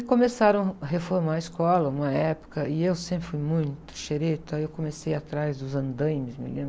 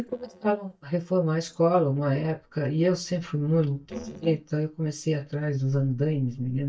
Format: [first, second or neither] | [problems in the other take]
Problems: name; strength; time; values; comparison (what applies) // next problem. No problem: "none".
first | noise reduction (neural mask model DeepFilterNet 3)